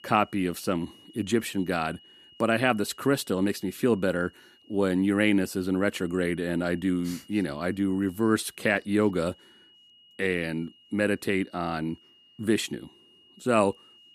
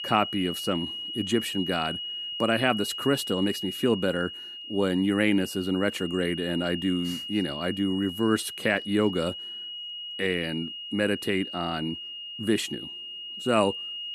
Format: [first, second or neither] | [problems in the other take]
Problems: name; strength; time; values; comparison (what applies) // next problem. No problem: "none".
first | high-pitched whine; loud; throughout; 3 kHz, 7 dB below the speech; faint in the first